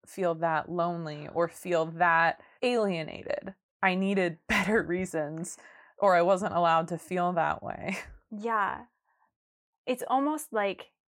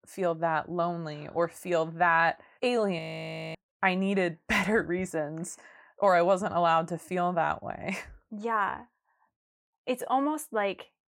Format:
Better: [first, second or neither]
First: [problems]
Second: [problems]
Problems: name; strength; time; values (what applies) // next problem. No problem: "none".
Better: first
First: none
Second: audio freezing; at 3 s for 0.5 s